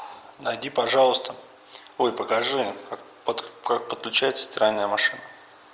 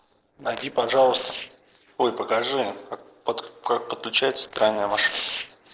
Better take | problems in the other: first | noise reduction (neural separator model SepFormer DNS4)

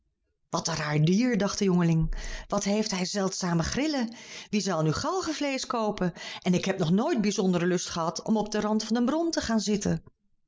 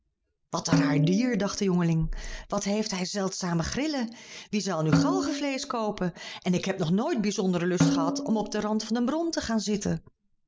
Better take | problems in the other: first | background sound (Snare drum); 3 dB below the speech

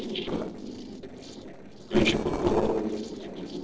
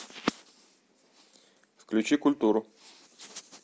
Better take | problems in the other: second | noise reduction (neural separator model SepFormer DNS4)

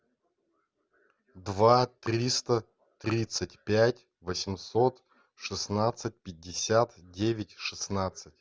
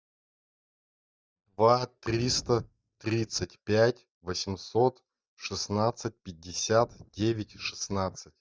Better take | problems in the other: first | noise reduction (neural mask model DeepFilterNet 3)

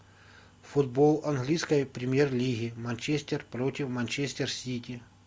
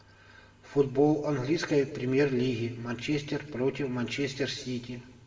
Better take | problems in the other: first | room echo; dies away in 1.1 s

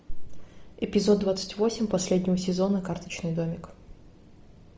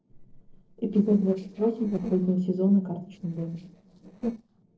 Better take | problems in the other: first | noise reduction (neural separator model SepFormer DNS4)

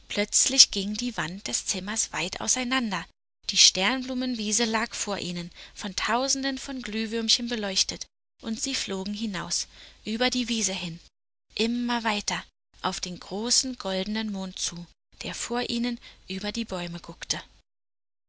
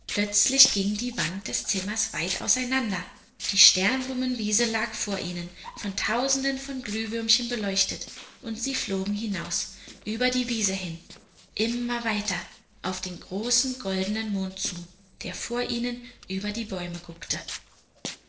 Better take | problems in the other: first | noise reduction (neural separator model SepFormer DNS4)

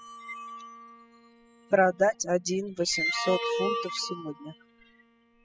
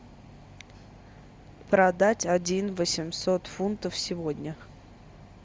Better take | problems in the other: second | noise reduction (classical method spectral subtraction)

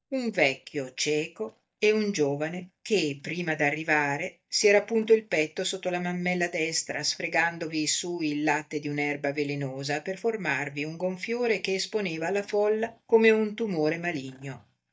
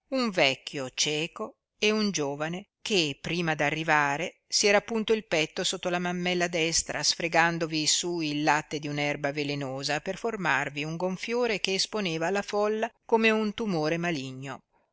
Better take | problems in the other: second | noise reduction (neural mask model DeepFilterNet 3)

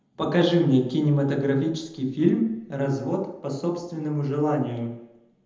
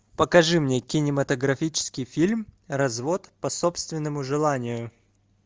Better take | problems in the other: second | room echo; dies away in 0.8 s

